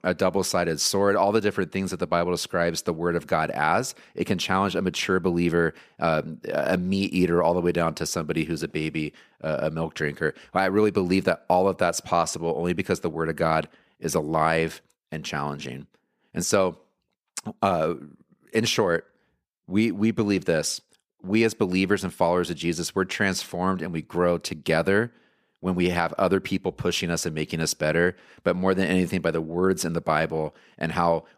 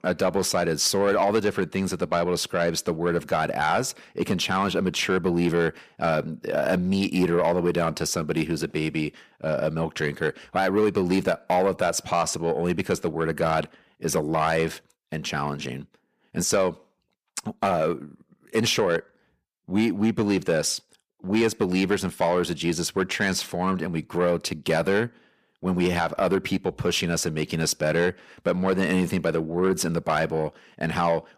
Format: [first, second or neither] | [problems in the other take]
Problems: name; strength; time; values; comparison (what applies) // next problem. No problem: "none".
first | distortion; slight; 10 dB below the speech